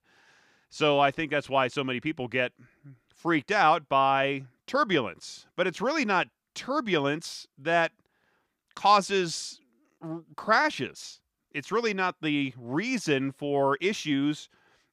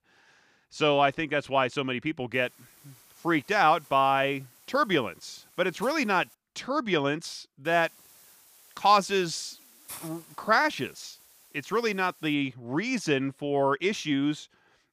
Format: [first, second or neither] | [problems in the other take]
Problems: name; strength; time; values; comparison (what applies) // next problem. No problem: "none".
first | hiss; faint; from 2.5 to 6.5 s and from 7.5 to 12 s; 25 dB below the speech